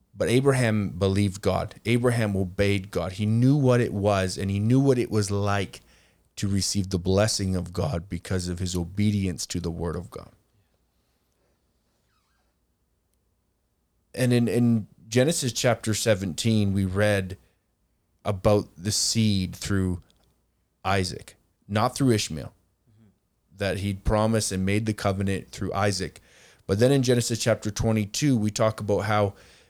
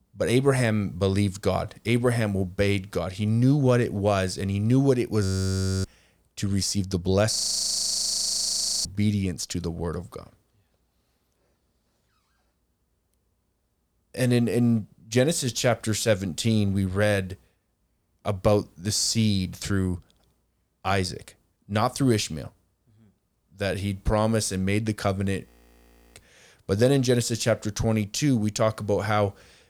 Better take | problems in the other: first | audio freezing; at 5 s for 0.5 s, at 7.5 s for 1.5 s and at 25 s for 0.5 s

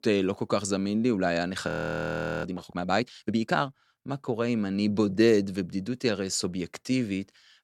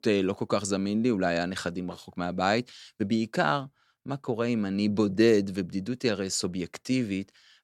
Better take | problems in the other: second | audio freezing; at 1.5 s for 1 s

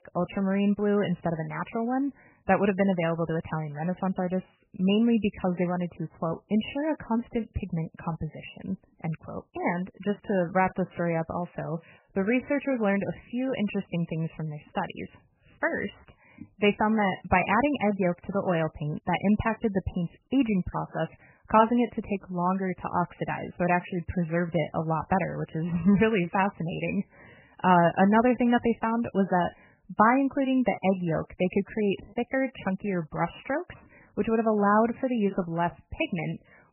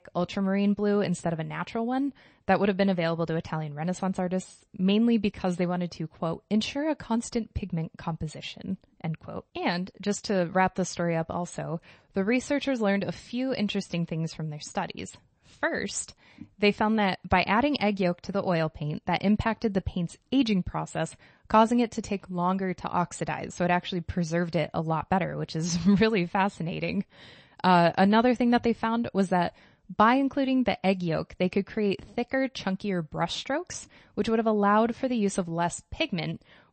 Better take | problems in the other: second | garbled, watery; badly; nothing above 3 kHz; slightly in the second

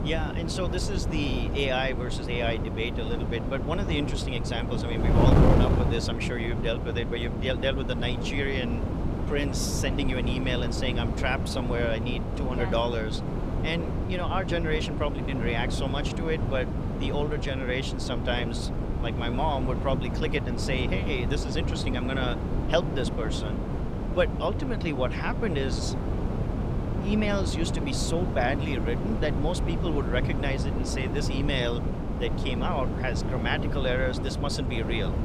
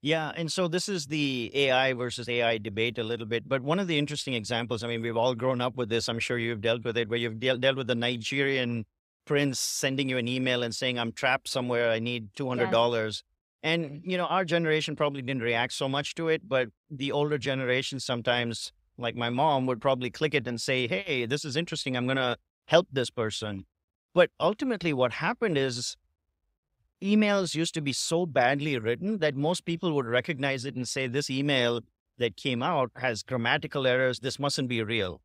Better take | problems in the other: second | wind noise on the microphone; heavy; 5 dB below the speech

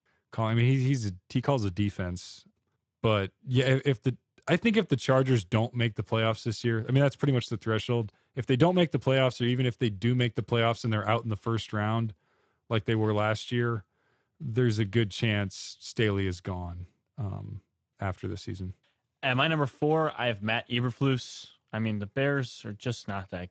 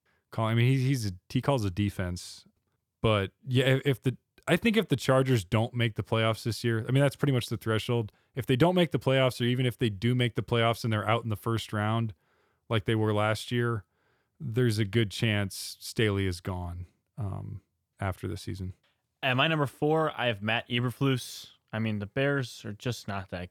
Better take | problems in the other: second | garbled, watery; slightly; nothing above 7.5 kHz

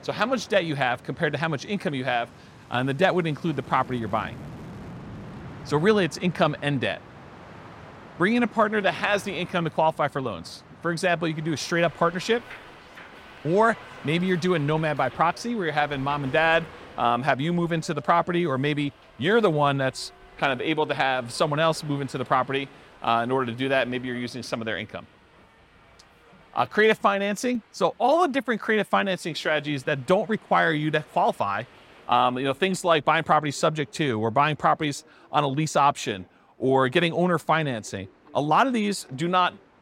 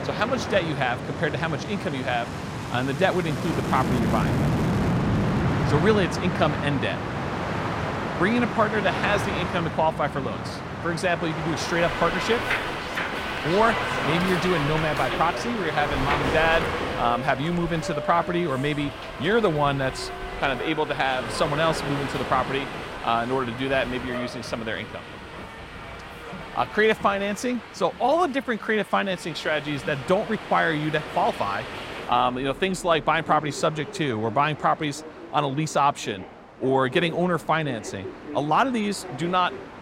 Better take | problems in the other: first | train or aircraft noise; loud; throughout; 5 dB below the speech; faint in the first

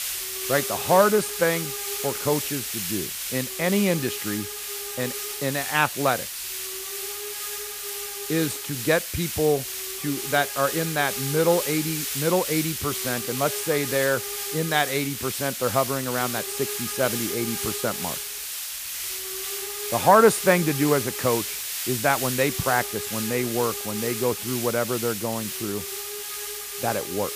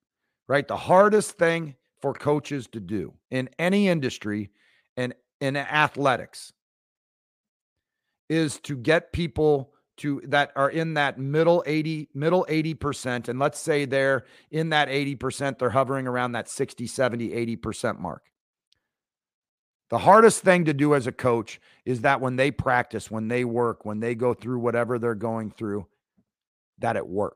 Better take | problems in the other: second | hiss; loud; throughout; 4 dB below the speech

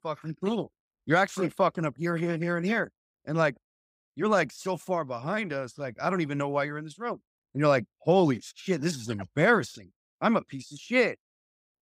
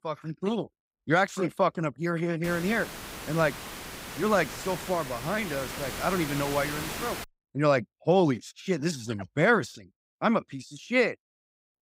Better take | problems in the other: first | hiss; loud; from 2.5 to 7 s; 9 dB below the speech

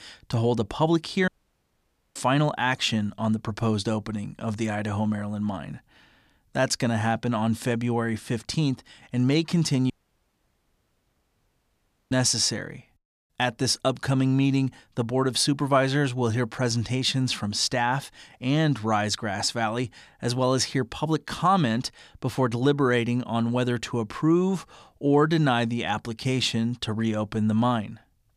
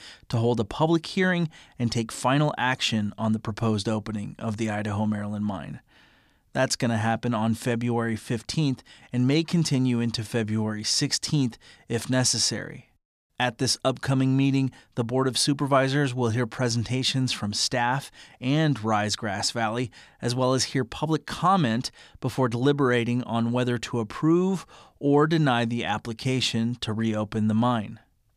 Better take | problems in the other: second | audio cutting out; at 1.5 s for 1 s and at 10 s for 2 s

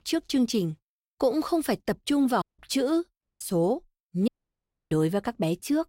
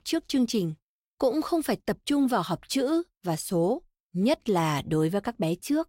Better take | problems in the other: second | audio cutting out; at 2.5 s, at 3 s and at 4.5 s for 0.5 s

